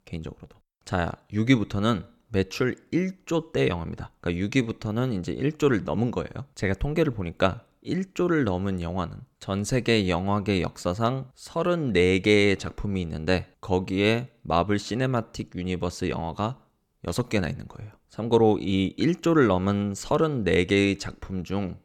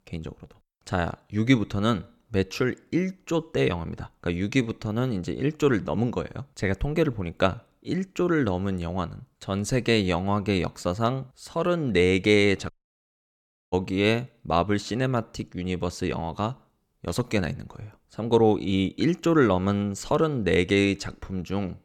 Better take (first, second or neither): first